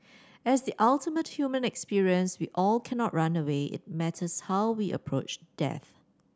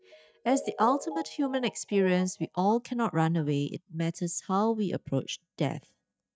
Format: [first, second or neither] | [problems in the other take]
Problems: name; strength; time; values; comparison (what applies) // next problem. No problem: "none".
first | noise reduction (neural mask model DeepFilterNet 3)